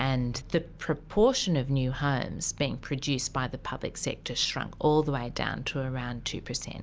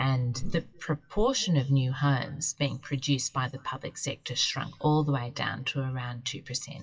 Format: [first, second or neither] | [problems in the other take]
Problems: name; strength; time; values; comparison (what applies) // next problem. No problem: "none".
first | noise reduction (classical method WPE with log-MMSE)